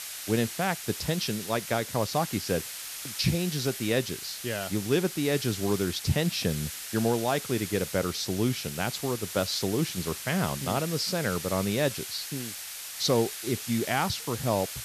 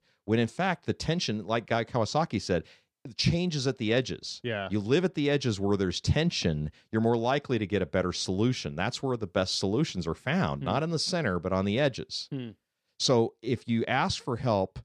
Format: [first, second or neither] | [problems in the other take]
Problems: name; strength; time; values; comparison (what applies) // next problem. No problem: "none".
second | hiss; loud; throughout; 7 dB below the speech